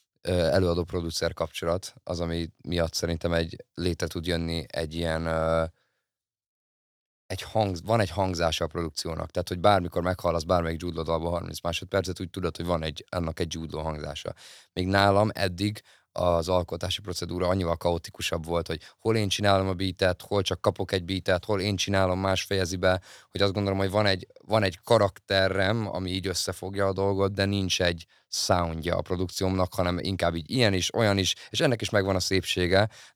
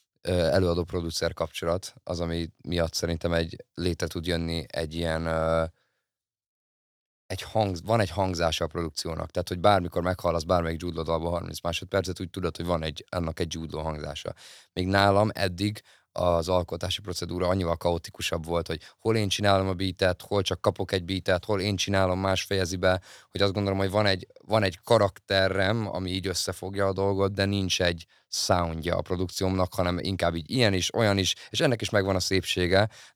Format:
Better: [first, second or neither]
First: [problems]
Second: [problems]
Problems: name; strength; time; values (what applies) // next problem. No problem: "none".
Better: neither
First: none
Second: none